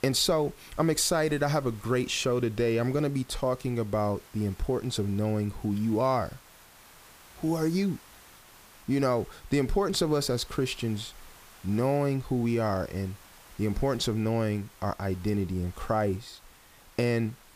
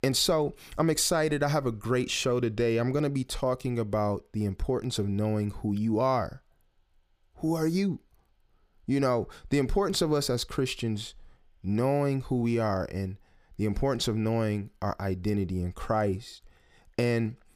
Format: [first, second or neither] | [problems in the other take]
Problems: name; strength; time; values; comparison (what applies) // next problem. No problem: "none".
second | hiss; faint; throughout; 25 dB below the speech